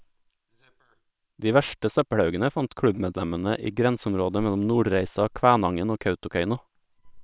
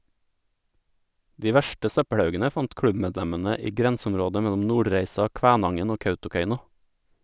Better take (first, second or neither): second